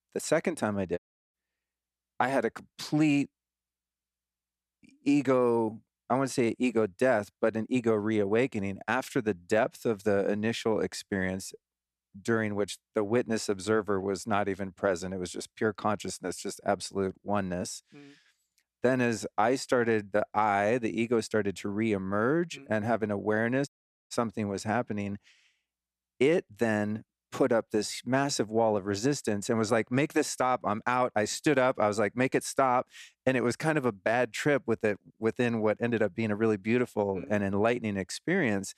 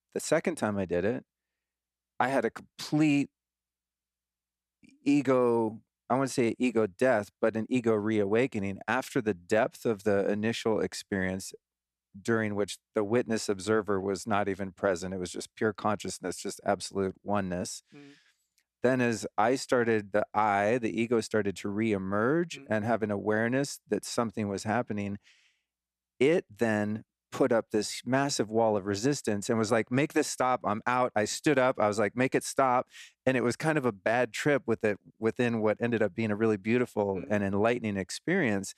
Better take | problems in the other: second | audio cutting out; at 1 s and at 24 s

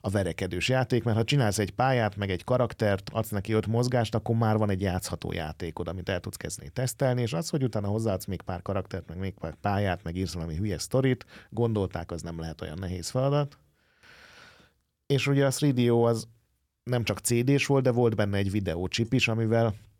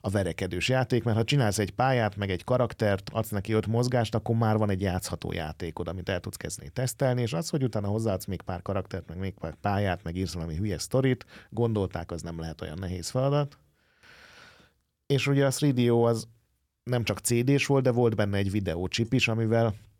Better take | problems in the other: neither | none

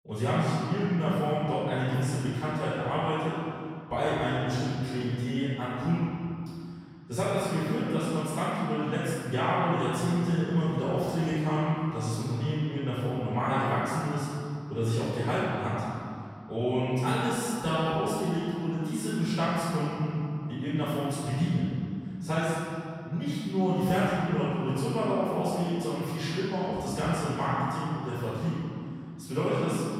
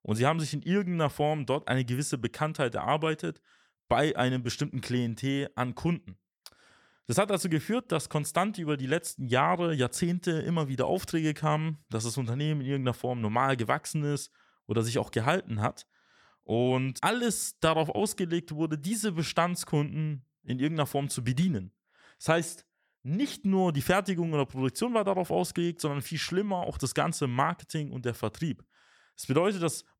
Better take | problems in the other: second | room echo; strong; dies away in 2.4 s // off-mic speech; far

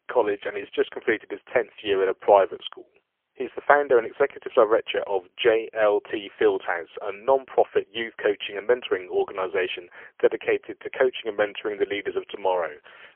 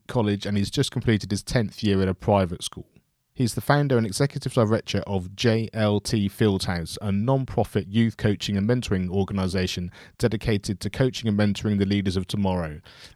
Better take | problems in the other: second | phone-call audio; poor line; nothing above 3.5 kHz

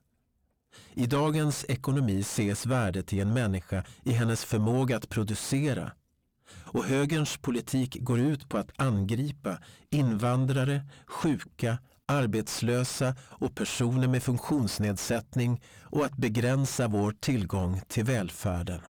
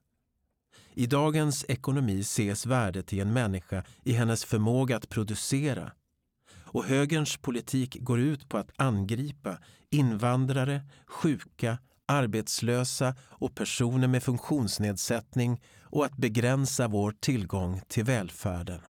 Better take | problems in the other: second | distortion; slight; 10 dB below the speech

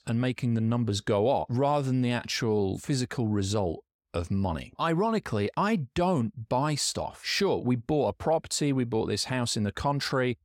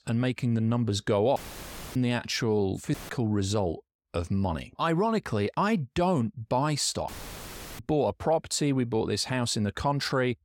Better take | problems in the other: first | audio cutting out; filled with static; at 1.5 s for 0.5 s, at 3 s and at 7 s for 0.5 s

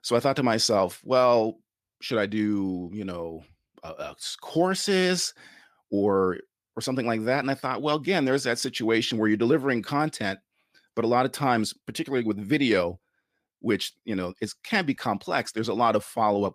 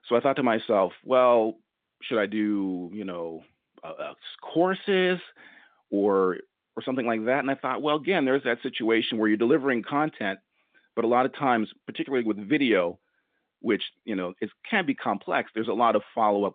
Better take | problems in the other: first | phone-call audio; nothing above 3.5 kHz

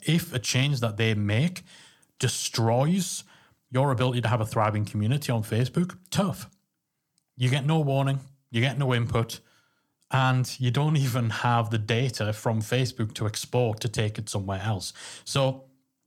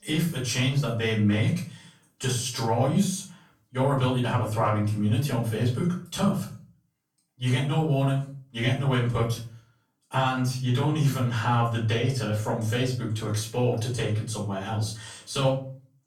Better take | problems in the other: first | off-mic speech; far // room echo; slight; dies away in 0.3 s

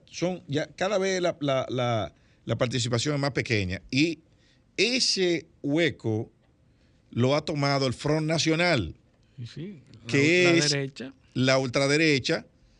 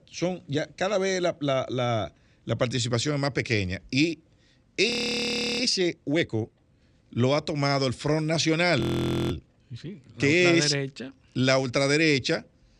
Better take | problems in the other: first | audio freezing; at 5 s for 0.5 s and at 9 s for 0.5 s

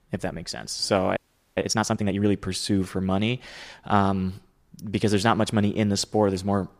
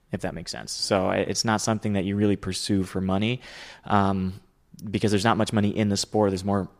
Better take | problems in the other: second | audio freezing; at 1 s

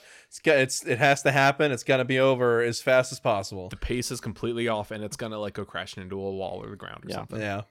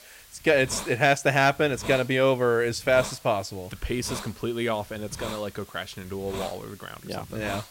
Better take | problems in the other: first | hiss; noticeable; throughout; 15 dB below the speech

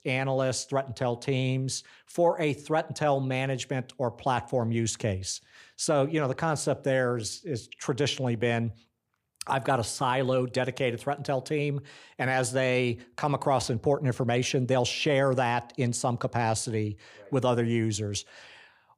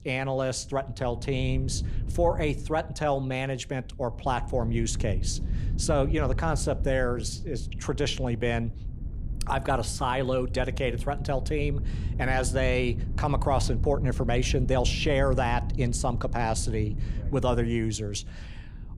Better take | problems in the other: first | wind noise on the microphone; occasional gusts; 20 dB below the speech

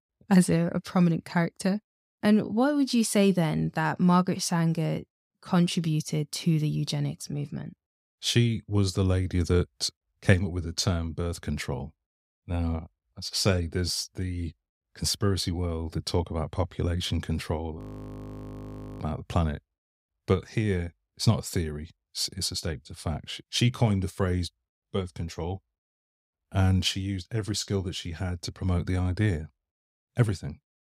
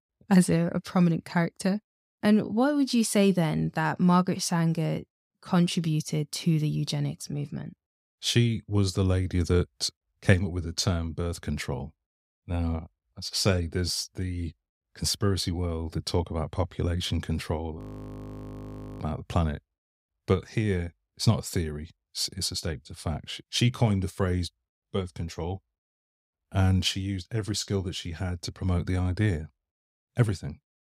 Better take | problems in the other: neither | audio freezing; at 18 s for 1 s; the same in both

